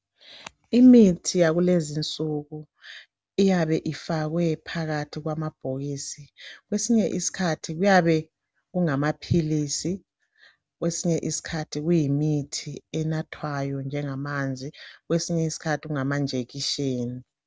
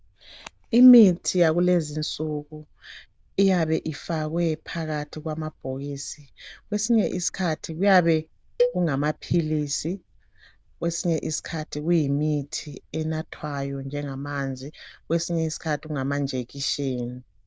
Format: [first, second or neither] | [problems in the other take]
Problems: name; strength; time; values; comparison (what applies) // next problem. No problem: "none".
first | noise reduction (neural diffusion model UNIVERSE++)